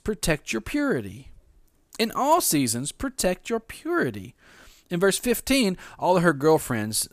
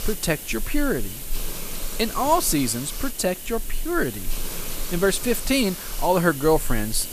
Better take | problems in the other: first | hiss; loud; throughout; 8 dB below the speech

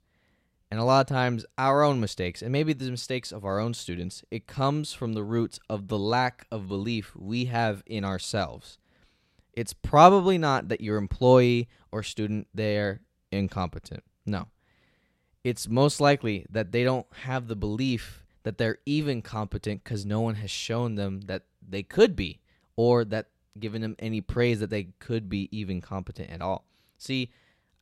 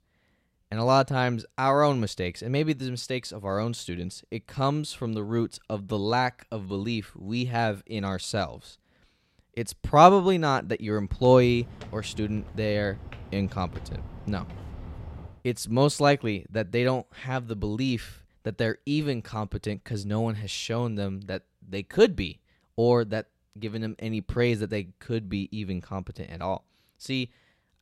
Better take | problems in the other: first | footsteps; faint; from 11 to 15 s; peak 15 dB below the speech

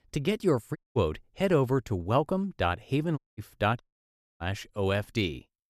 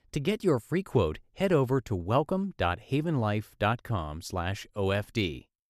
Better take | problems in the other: second | audio cutting out; at 1 s, at 3 s and at 4 s for 0.5 s

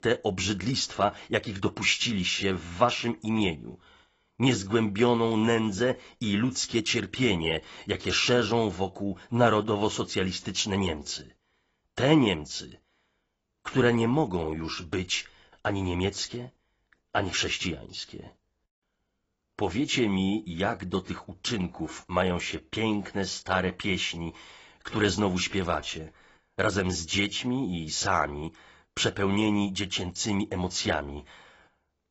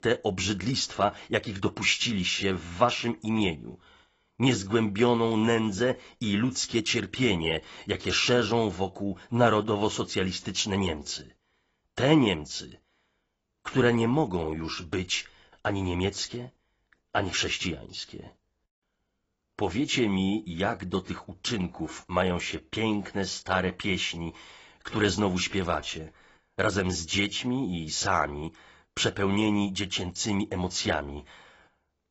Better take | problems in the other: neither | garbled, watery; badly; nothing above 7.5 kHz; the same in both

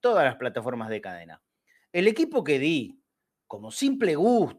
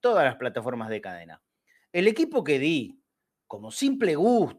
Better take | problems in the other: neither | none

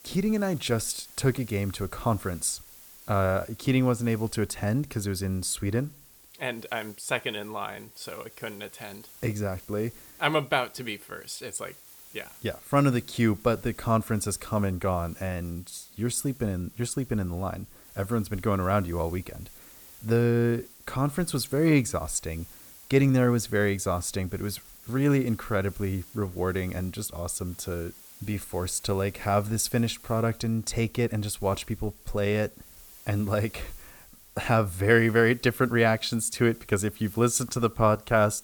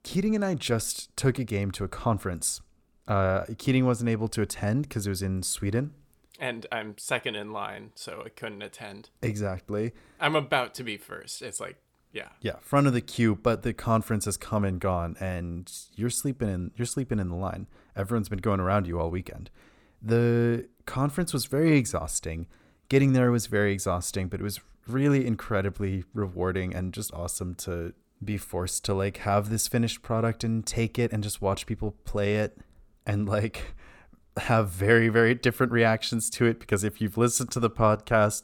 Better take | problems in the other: second | hiss; faint; throughout; 20 dB below the speech

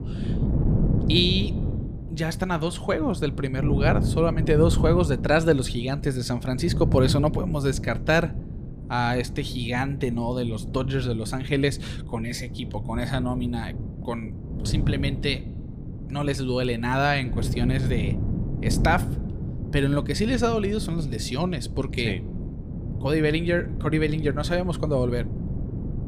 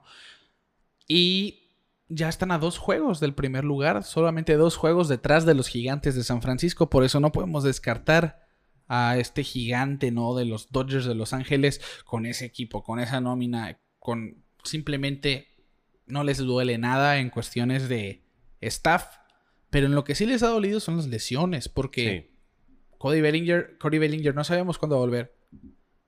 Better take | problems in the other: second | wind noise on the microphone; occasional gusts; 10 dB below the speech

